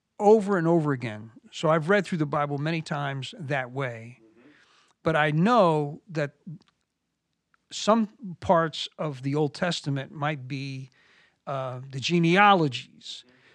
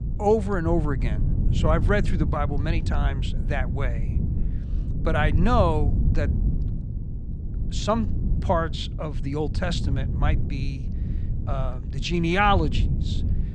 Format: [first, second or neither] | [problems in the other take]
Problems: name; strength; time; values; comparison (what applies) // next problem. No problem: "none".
first | wind noise on the microphone; occasional gusts; 15 dB below the speech